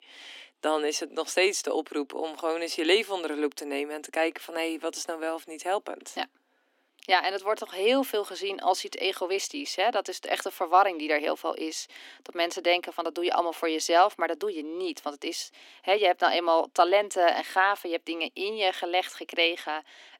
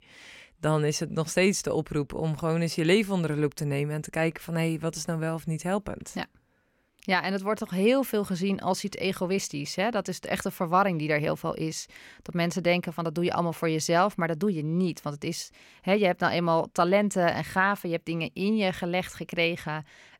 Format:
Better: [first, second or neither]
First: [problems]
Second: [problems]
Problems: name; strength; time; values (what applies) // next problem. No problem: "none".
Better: second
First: thin; very; fading below 250 Hz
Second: none